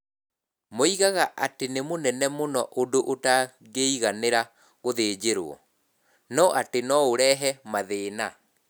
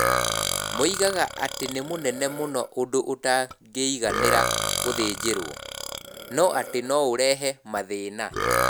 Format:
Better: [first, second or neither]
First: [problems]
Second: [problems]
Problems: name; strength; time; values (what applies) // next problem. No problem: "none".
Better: first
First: none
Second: background sound (Burping, eructation); 3 dB below the speech